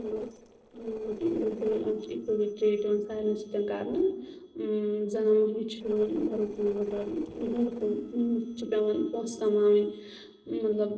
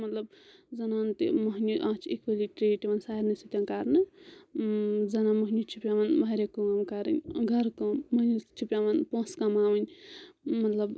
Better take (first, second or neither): second